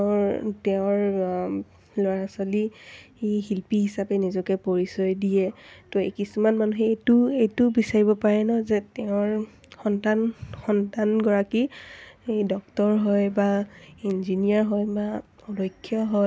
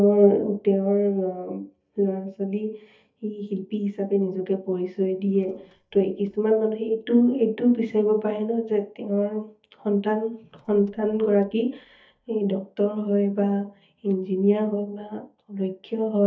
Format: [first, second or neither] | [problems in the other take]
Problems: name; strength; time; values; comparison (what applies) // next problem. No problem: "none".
first | noise reduction (neural mask model DeepFilterNet 3)